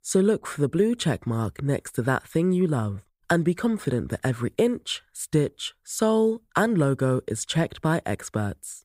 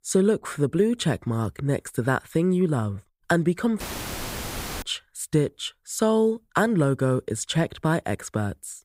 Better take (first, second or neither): first